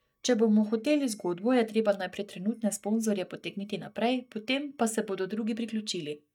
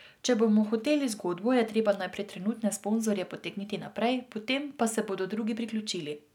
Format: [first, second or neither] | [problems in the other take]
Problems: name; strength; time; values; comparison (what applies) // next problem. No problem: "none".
second | noise reduction (neural mask model DeepFilterNet 3)